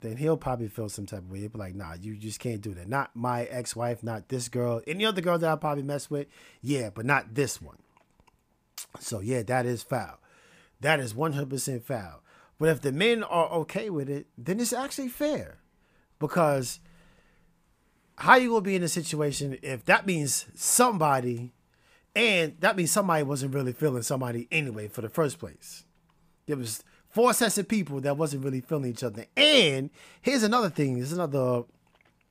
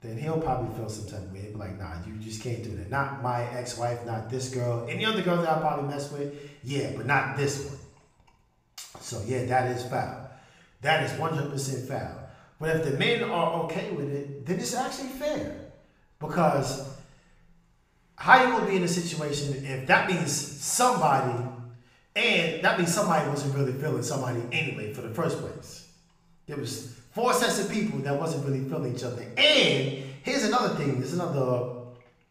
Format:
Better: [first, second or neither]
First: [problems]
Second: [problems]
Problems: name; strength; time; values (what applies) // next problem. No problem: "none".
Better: first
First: none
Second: room echo; noticeable; dies away in 0.8 s // off-mic speech; somewhat distant